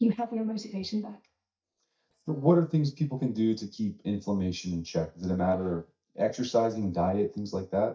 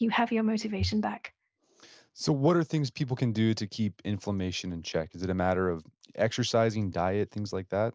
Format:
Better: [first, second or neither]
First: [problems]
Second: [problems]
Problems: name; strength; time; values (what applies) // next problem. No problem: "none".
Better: second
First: noise reduction (neural mask model DeepFilterNet 3)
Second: none